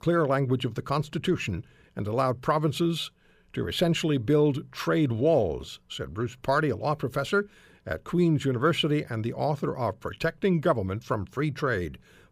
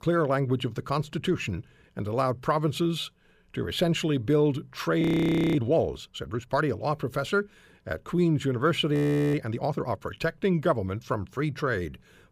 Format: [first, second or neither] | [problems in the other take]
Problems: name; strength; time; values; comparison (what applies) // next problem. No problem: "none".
first | audio freezing; at 5 s for 0.5 s and at 9 s